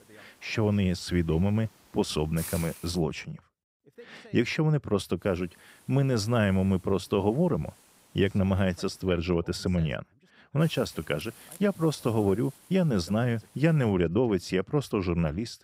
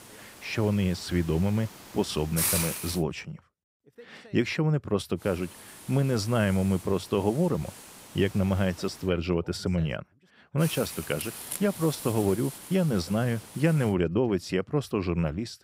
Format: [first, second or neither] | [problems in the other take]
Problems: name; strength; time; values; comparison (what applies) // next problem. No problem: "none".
first | hiss; loud; until 3 s, from 5 to 9 s and from 11 to 14 s; 9 dB below the speech; faint in the first